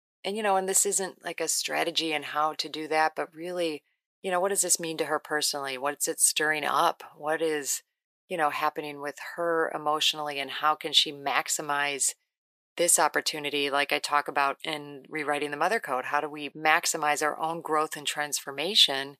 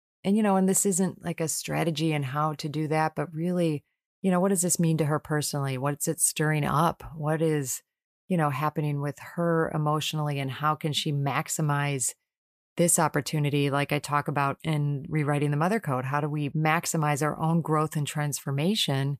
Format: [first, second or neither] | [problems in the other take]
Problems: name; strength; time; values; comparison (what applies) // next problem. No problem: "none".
second | thin; very; fading below 350 Hz